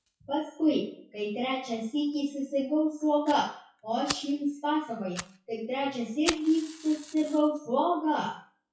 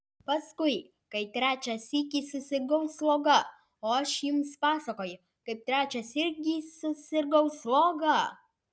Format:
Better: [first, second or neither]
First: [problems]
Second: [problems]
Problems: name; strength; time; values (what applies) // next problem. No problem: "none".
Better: second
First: noise reduction (classical method WPE with log-MMSE)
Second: none